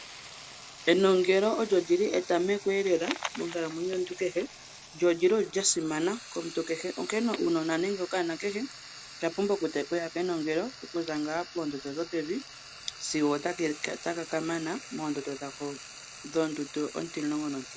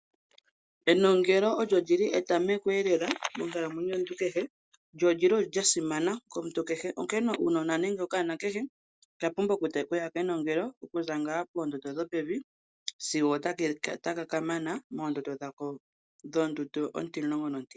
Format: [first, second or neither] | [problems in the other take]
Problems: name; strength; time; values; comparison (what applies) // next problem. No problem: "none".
second | background sound (Frying (food)); 16 dB below the speech